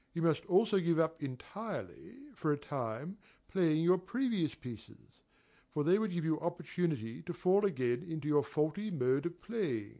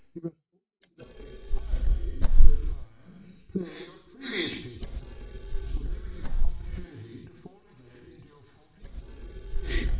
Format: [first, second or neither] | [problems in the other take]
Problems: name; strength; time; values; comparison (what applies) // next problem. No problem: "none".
first | noise reduction (neural mask model DeepFilterNet 3)